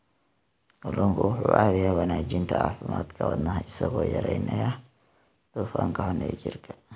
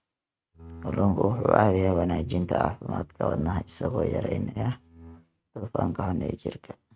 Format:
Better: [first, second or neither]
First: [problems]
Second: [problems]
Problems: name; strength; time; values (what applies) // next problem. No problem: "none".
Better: first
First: none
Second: noise reduction (neural mask model RNNoise)